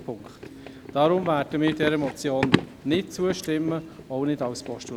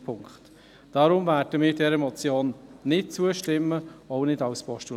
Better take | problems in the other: second | background sound (Run); 6 dB below the speech

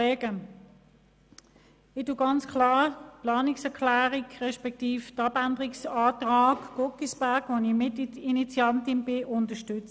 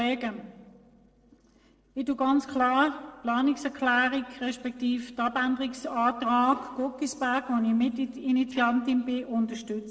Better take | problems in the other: first | noise reduction (neural separator model SepFormer DNS4)

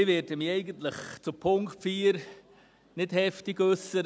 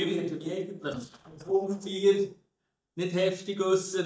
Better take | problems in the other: first | noise reduction (neural mask model DeepFilterNet 3)

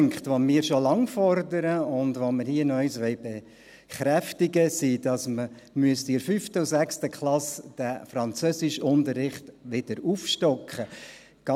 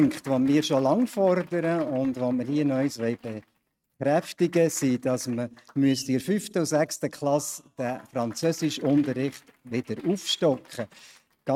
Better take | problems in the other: first | noise reduction (neural mask model RNNoise)

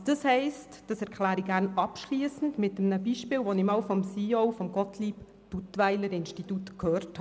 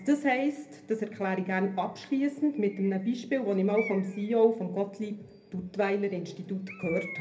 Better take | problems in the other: first | background sound (Bird); 19 dB below the speech // room echo; dies away in 0.3 s

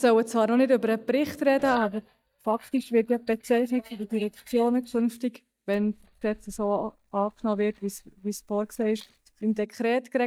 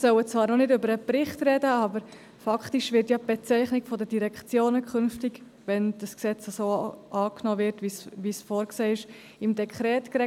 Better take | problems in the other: second | noise reduction (neural mask model DeepFilterNet 3)

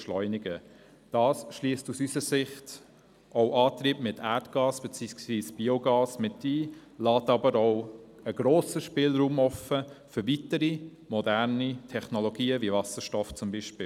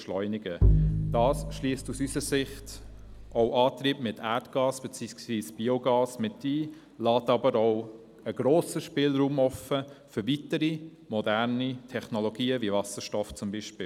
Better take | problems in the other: first | background sound (Bowed string instrument); as loud as the speech

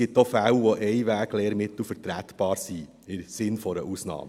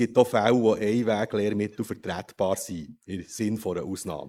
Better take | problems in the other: first | noise reduction (neural mask model Resemble Enhance denoiser)

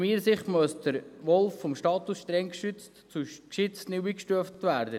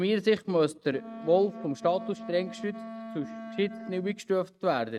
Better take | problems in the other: first | noise reduction (neural mask model RNNoise)

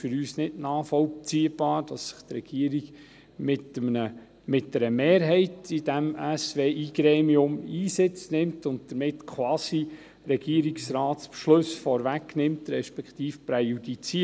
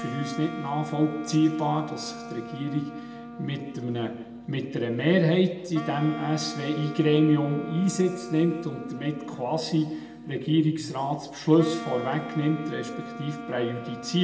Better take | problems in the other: first | background sound (Wind instrument, woodwind instrument); 13 dB below the speech // room echo; dies away in 0.9 s

